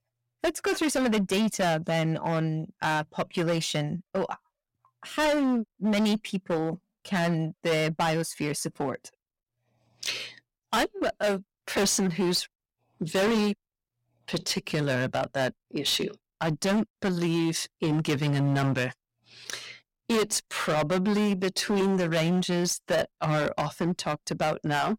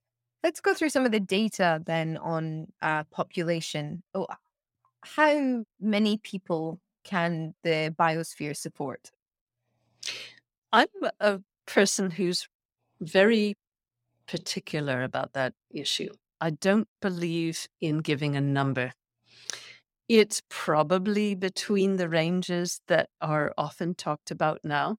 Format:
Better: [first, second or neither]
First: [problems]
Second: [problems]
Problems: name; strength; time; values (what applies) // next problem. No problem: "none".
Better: second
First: distortion; heavy; 14% of the sound clipped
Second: none